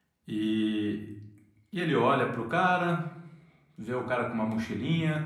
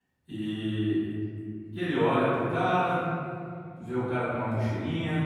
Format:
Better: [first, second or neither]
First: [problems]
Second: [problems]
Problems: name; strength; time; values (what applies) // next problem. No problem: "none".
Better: first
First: room echo; slight; dies away in 0.6 s // off-mic speech; somewhat distant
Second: room echo; strong; dies away in 2.5 s // off-mic speech; far